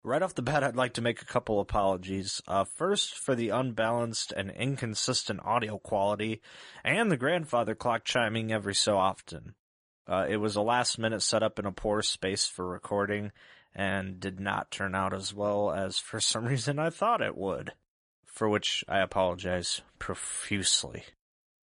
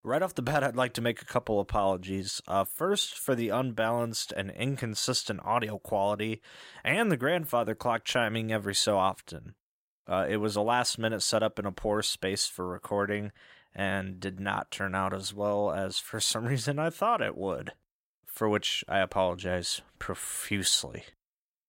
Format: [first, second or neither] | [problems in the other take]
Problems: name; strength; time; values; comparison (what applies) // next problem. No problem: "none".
second | garbled, watery; slightly; nothing above 10.5 kHz